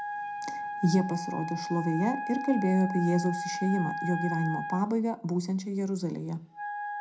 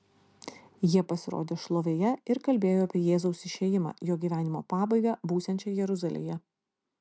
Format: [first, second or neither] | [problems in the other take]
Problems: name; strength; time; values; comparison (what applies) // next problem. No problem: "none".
second | background sound (Wind instrument, woodwind instrument); 7 dB below the speech // room echo; dies away in 0.2 s